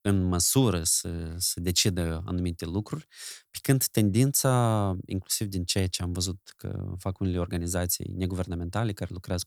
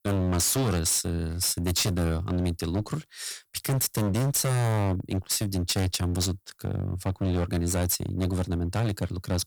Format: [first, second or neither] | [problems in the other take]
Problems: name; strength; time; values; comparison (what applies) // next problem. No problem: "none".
first | distortion; heavy; 19% of the sound clipped